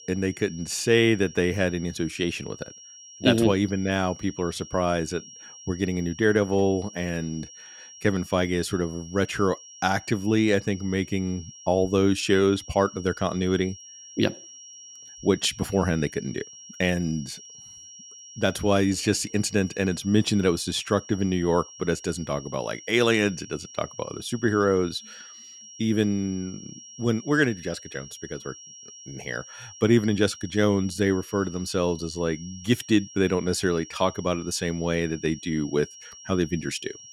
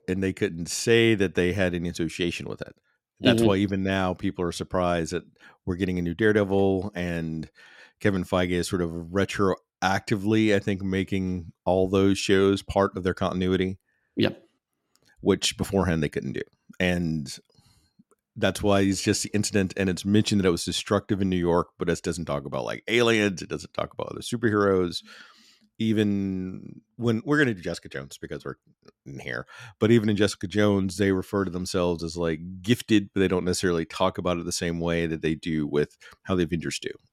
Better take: second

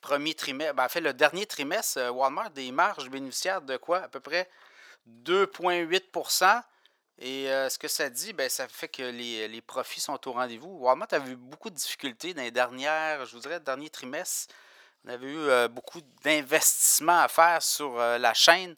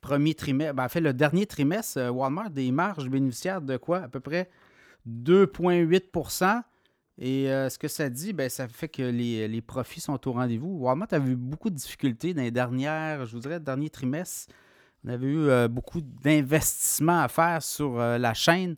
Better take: second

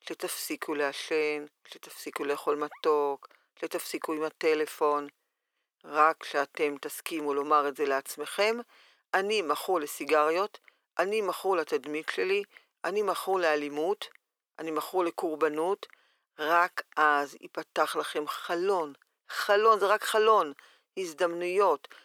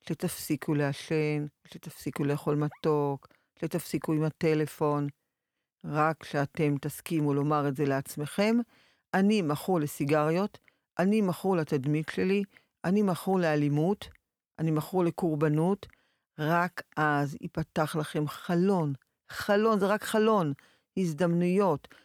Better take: second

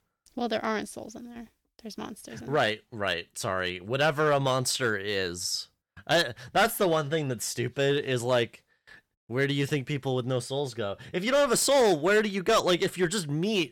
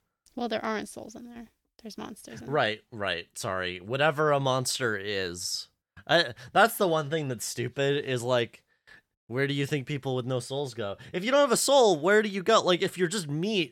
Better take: second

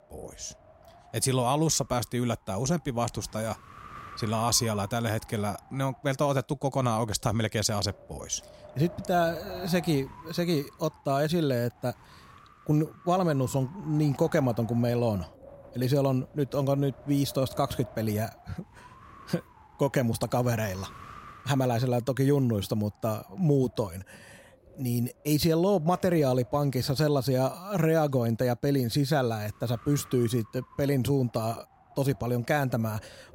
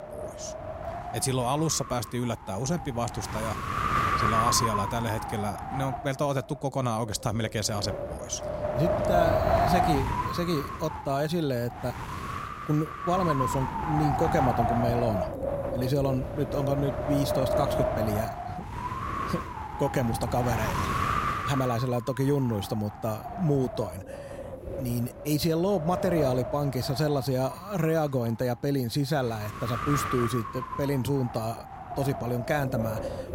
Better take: first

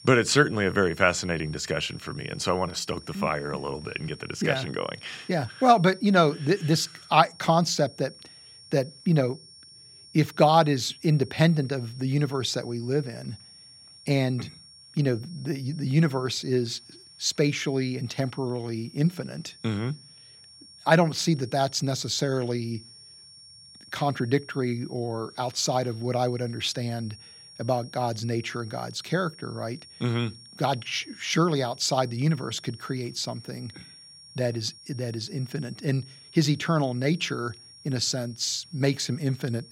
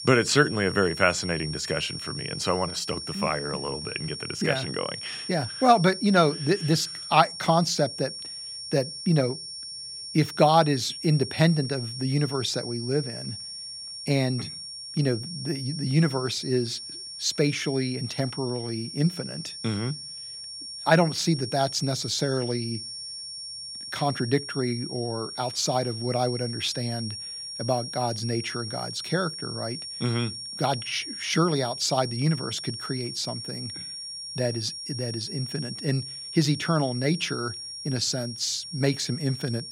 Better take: first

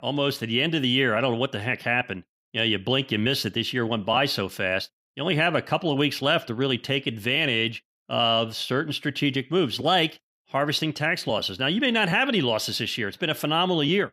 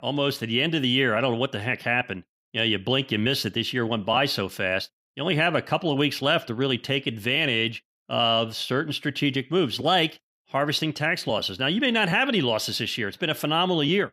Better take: neither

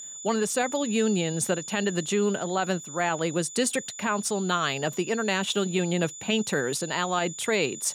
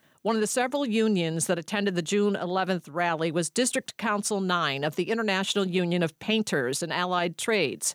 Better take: second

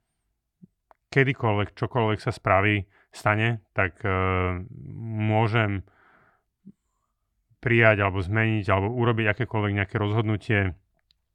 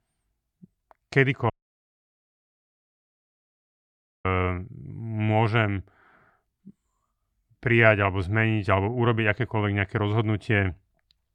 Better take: first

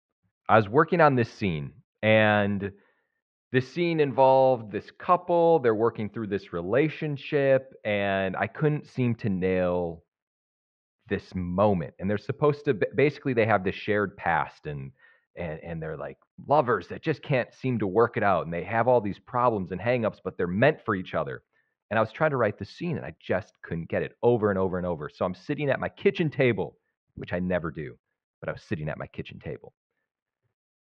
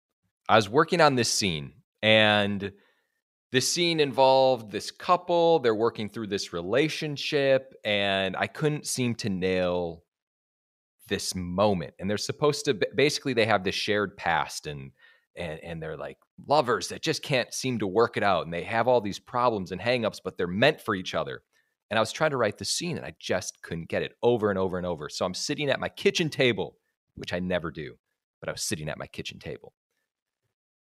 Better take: second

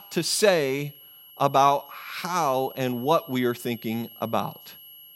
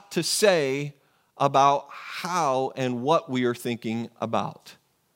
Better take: second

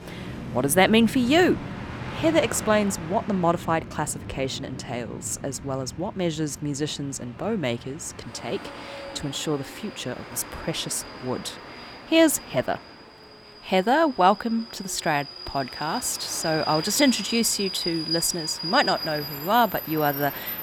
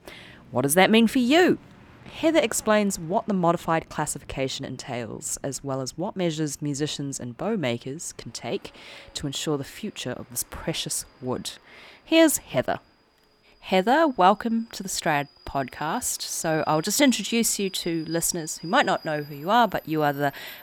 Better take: second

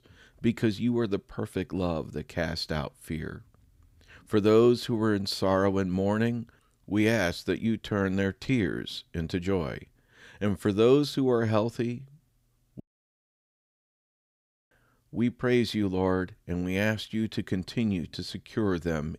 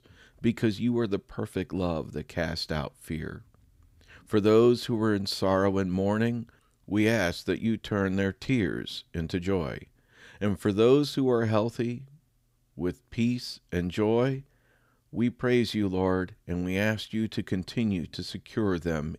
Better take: second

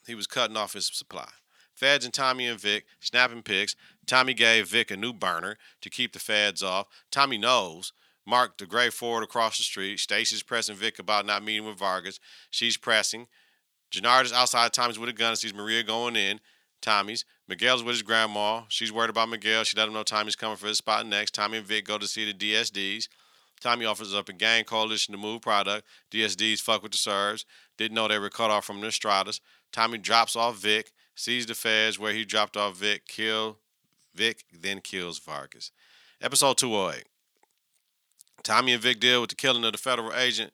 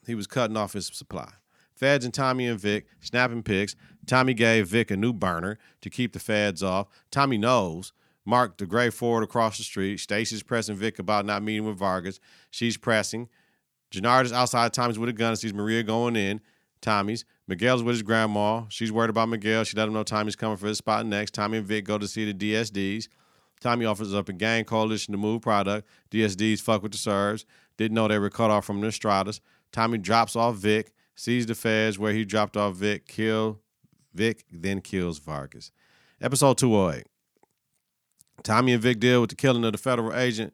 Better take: second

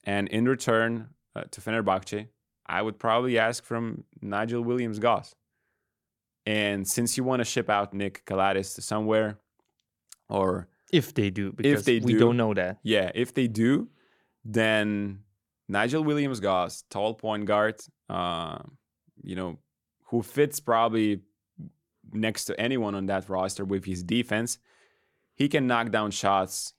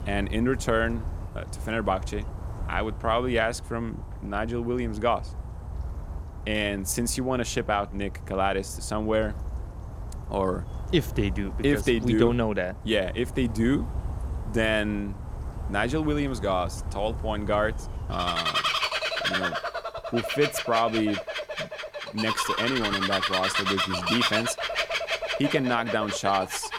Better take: first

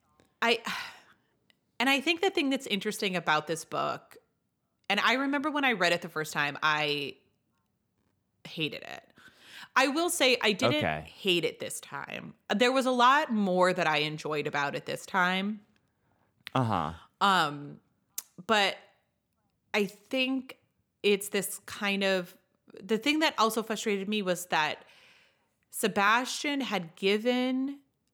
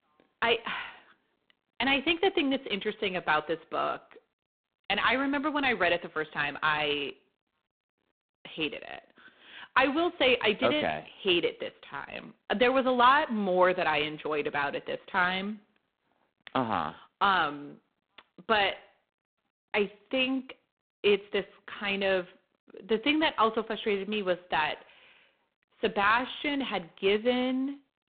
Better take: first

